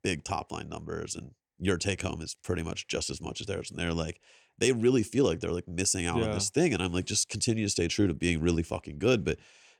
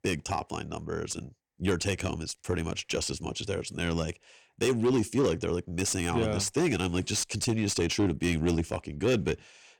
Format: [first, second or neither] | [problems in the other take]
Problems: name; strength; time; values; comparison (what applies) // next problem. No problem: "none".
first | distortion; slight; 10 dB below the speech